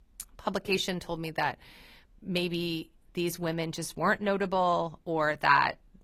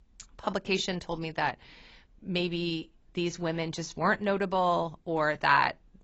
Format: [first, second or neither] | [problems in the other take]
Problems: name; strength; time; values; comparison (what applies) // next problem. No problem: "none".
first | garbled, watery; badly; nothing above 7.5 kHz; slightly in the first